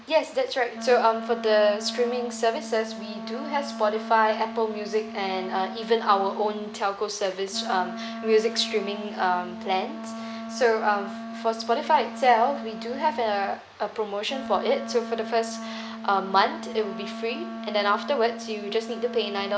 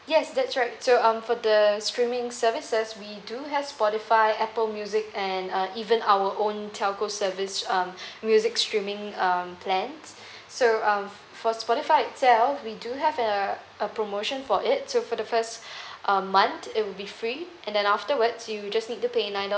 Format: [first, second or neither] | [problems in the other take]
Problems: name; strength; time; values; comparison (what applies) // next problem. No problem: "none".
second | background sound (Wind instrument, woodwind instrument); 10 dB below the speech